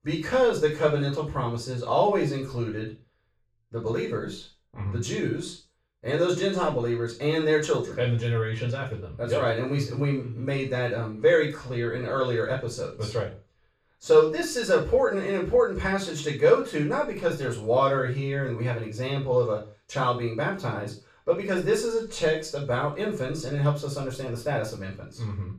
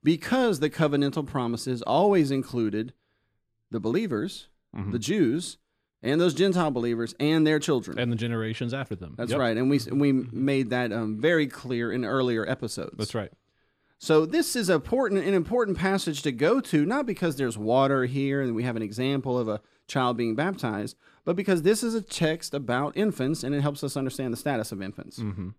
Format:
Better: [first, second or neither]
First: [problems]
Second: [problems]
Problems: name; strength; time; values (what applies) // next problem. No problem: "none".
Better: second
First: room echo; noticeable; dies away in 0.3 s // off-mic speech; far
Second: none